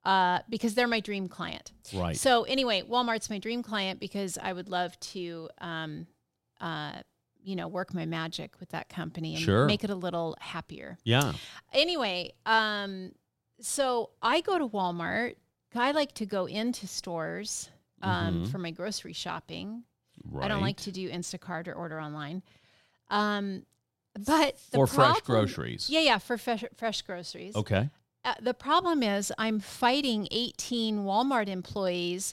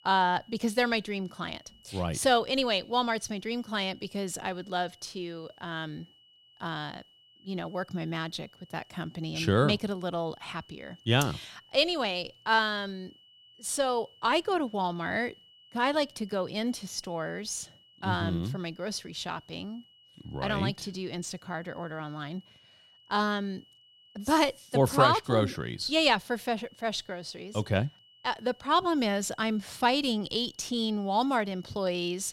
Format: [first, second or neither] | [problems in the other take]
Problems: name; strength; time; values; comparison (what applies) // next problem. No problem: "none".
first | high-pitched whine; faint; throughout; 3 kHz, 25 dB below the speech